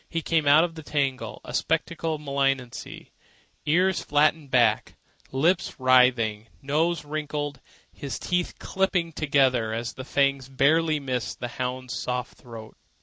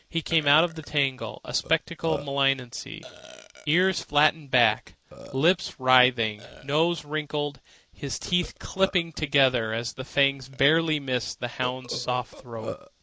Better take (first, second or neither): first